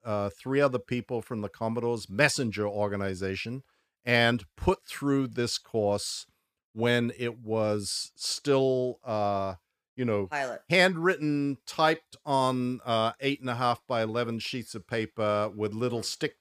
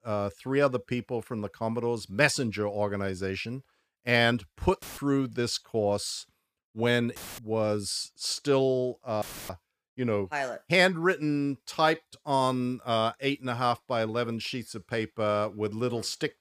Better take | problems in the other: first | audio cutting out; filled with static; at 5 s, at 7 s and at 9 s

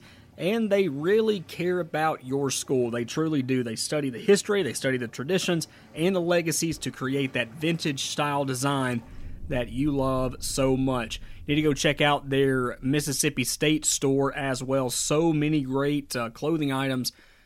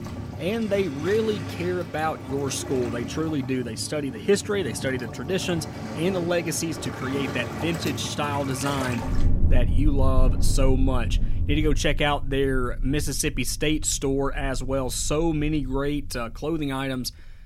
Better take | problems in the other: first | rain or running water; loud; throughout; 5 dB below the speech; faint in the first

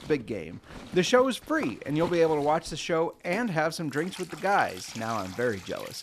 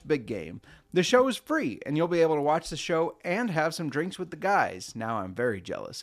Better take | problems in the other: second | household noises; noticeable; throughout; 15 dB below the speech

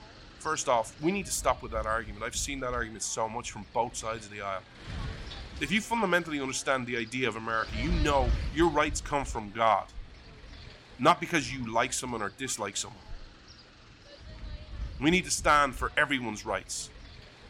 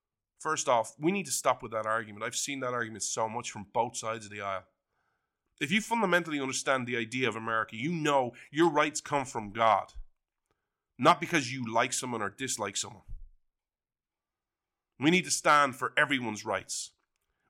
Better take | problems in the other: second | wind noise on the microphone; occasional gusts; 20 dB below the speech

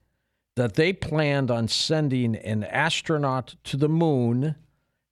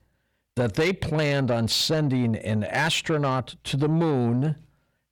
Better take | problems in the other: first | distortion; slight; 10 dB below the speech

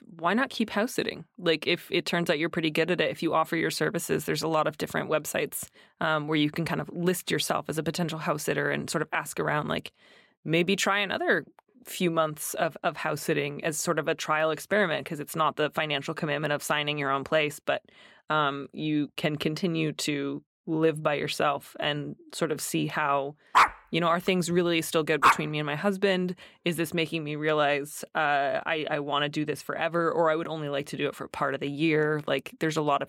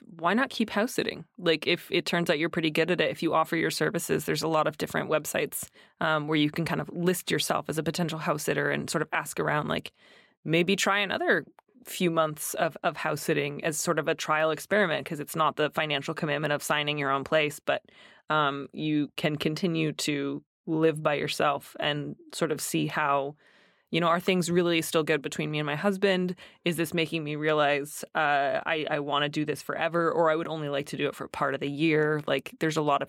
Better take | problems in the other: second | dog barking; loud; from 24 to 25 s; peak 6 dB above the speech

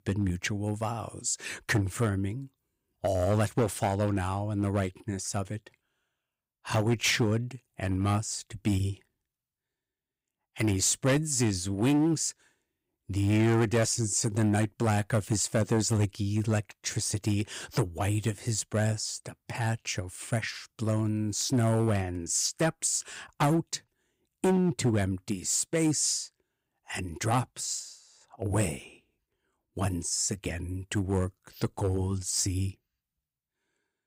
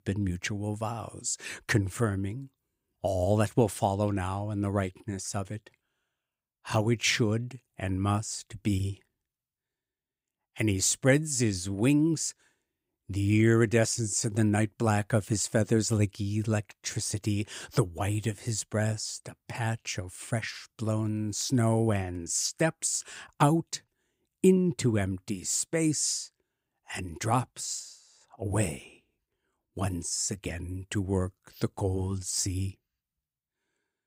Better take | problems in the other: second | distortion; slight; 4% of the sound clipped

